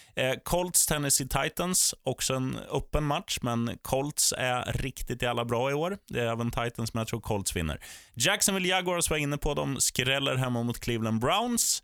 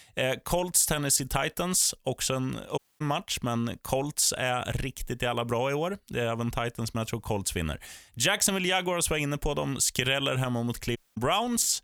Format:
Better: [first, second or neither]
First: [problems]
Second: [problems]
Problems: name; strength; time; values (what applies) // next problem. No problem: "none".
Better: first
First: none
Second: audio cutting out; at 3 s and at 11 s